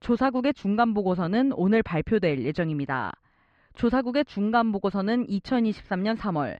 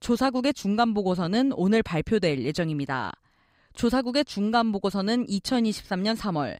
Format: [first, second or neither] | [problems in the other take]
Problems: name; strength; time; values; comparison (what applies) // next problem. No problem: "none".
second | muffled; slightly; fading above 2 kHz